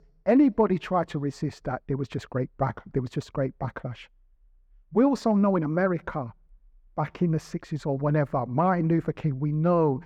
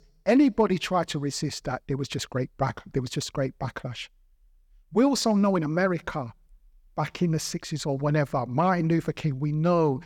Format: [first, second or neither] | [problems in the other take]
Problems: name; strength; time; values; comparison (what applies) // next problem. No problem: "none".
second | muffled; slightly; fading above 2.5 kHz